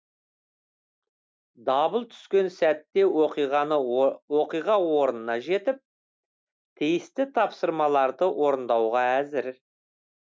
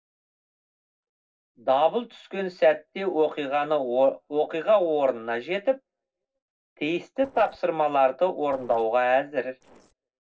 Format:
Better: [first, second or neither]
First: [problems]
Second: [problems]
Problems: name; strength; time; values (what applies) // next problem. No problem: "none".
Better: first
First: none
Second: noise reduction (neural separator model SepFormer DNS4)